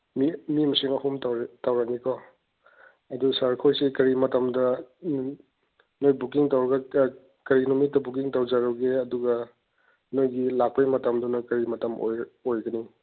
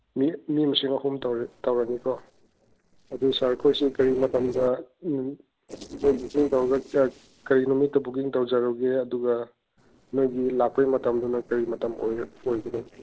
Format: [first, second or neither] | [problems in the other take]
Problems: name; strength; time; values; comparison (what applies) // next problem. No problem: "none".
first | noise reduction (neural separator model SepFormer DNS4)